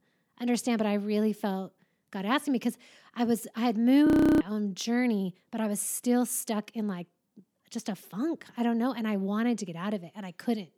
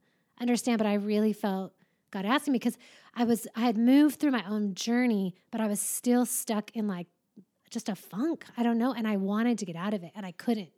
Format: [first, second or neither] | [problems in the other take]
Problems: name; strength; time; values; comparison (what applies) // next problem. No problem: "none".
second | audio freezing; at 4 s